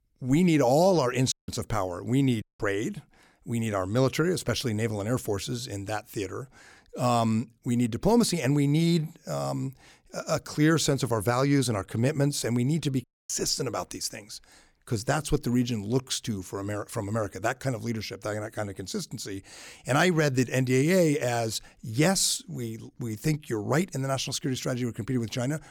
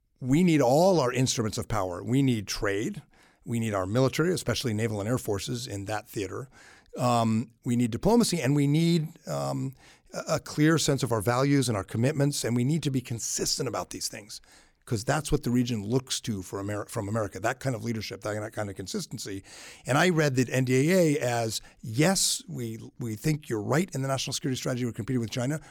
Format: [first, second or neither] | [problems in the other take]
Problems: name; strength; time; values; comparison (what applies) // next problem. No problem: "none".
second | audio cutting out; at 1.5 s, at 2.5 s and at 13 s